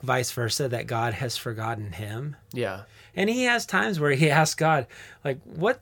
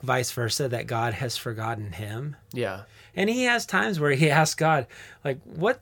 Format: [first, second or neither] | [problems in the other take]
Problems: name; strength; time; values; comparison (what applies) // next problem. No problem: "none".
neither | none